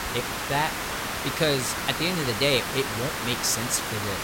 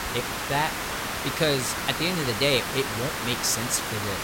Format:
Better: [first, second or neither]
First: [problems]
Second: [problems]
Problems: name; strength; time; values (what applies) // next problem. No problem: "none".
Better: neither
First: hiss; loud; throughout; 2 dB below the speech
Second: hiss; loud; throughout; 2 dB below the speech